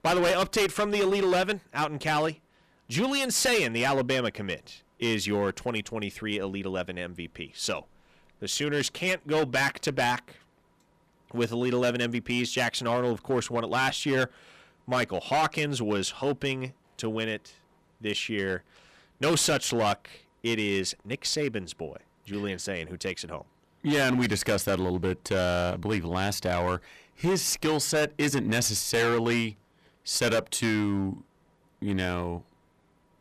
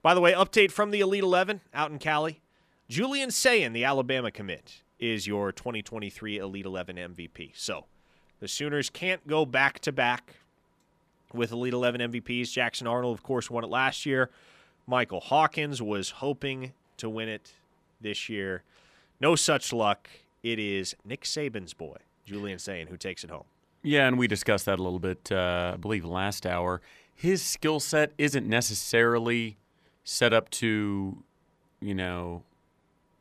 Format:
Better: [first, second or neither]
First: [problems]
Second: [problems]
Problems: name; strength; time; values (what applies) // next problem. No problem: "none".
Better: second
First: distortion; heavy; 9% of the sound clipped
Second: none